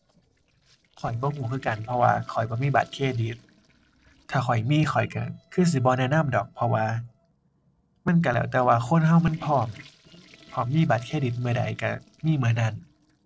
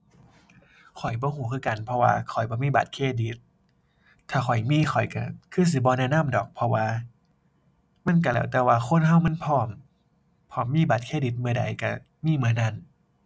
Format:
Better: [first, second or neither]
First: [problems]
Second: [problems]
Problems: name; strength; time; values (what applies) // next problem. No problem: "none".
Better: second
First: noise reduction (neural separator model SepFormer DNS4)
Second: none